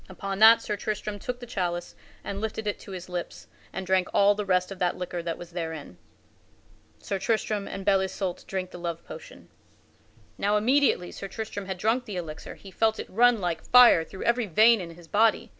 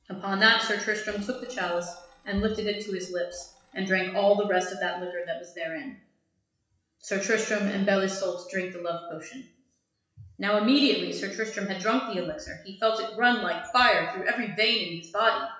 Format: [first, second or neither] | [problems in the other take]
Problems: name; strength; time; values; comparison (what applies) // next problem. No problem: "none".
first | noise reduction (classical method WPE with log-MMSE)